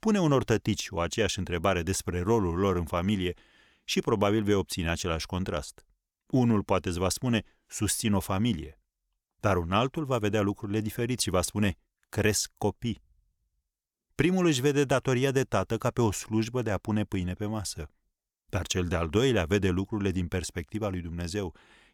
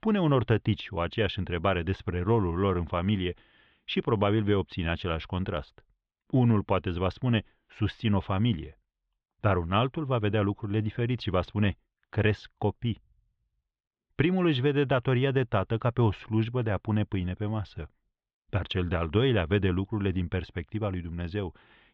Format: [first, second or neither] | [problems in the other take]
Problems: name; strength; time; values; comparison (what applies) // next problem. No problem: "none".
first | muffled; very; fading above 3.5 kHz